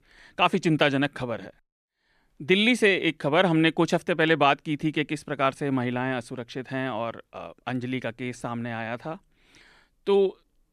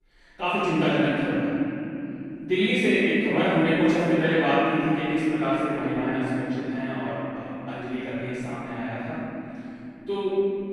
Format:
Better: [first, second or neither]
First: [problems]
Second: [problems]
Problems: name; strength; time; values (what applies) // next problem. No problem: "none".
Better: first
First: none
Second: room echo; strong; dies away in 3 s // off-mic speech; far